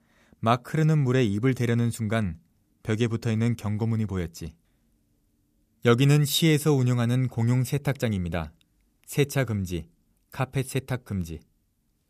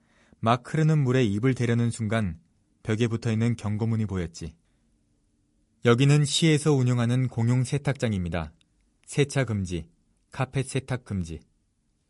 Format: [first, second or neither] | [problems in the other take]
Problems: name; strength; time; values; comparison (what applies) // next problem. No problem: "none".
first | garbled, watery; slightly; nothing above 11 kHz